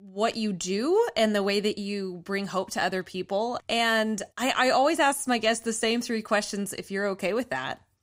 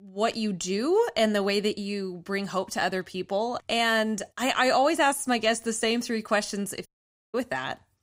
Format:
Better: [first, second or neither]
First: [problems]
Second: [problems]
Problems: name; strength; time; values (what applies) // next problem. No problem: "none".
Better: first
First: none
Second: audio cutting out; at 7 s